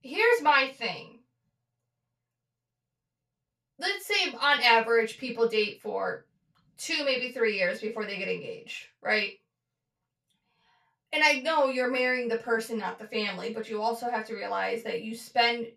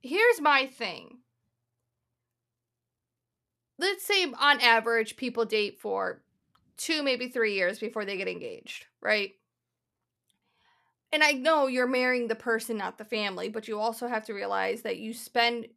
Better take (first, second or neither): second